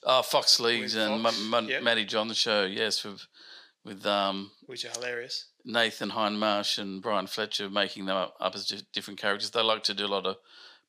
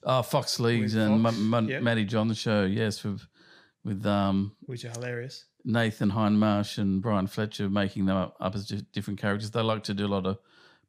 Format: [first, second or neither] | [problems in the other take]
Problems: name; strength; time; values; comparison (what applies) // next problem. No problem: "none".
second | thin; somewhat; fading below 450 Hz